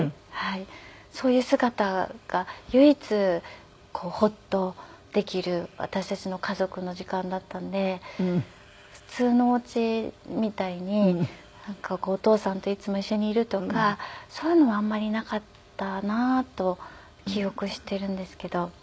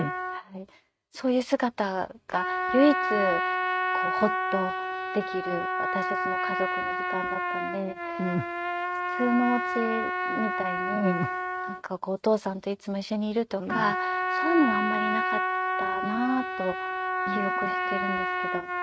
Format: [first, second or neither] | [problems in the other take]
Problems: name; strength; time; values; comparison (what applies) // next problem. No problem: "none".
first | noise reduction (neural mask model RNNoise)